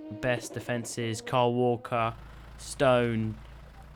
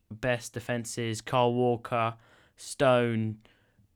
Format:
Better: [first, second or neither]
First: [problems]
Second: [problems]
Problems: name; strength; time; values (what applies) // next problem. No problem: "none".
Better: second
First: traffic noise; noticeable; throughout; 20 dB below the speech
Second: none